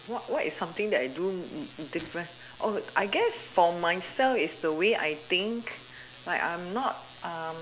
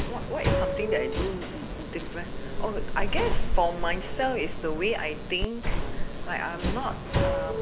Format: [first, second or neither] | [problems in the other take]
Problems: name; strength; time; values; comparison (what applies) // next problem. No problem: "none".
first | background sound (Subway, metro, underground); 4 dB above the speech